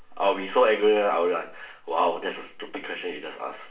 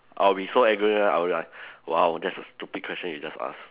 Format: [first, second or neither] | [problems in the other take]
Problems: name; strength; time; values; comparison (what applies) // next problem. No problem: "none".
second | room echo; dies away in 0.4 s